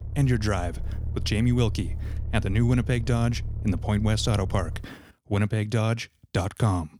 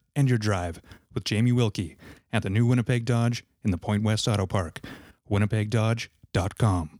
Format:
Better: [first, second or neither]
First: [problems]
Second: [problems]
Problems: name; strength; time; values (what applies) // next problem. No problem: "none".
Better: second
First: low rumble; noticeable; until 5 s; 20 dB below the speech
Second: none